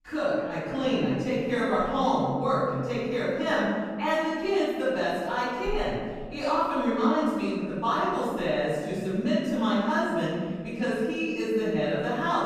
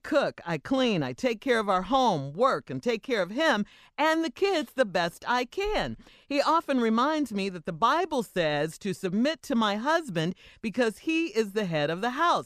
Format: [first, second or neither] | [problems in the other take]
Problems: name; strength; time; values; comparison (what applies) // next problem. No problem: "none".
second | off-mic speech; far // room echo; strong; dies away in 2 s